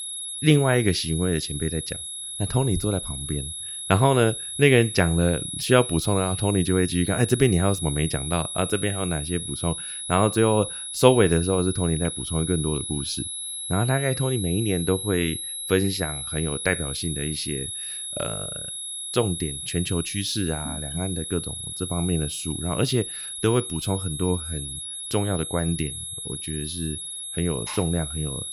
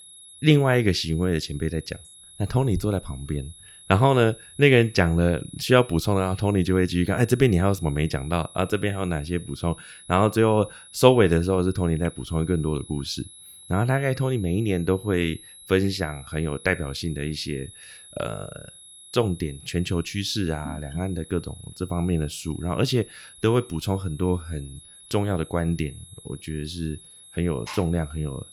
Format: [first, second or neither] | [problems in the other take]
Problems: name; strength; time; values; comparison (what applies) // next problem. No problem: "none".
second | high-pitched whine; loud; throughout; 11 kHz, 6 dB below the speech; faint in the second